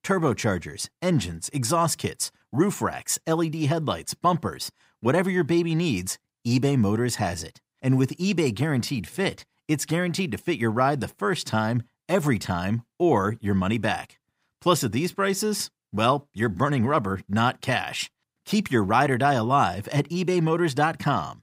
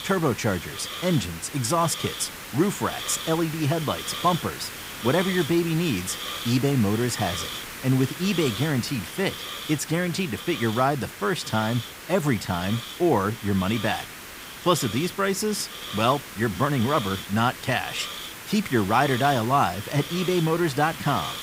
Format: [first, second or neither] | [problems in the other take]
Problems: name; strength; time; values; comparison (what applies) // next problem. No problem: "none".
first | hiss; loud; throughout; 9 dB below the speech